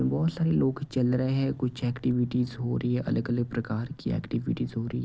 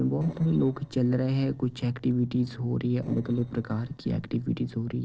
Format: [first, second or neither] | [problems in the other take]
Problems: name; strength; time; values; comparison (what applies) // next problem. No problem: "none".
first | noise reduction (neural separator model SepFormer DNS4)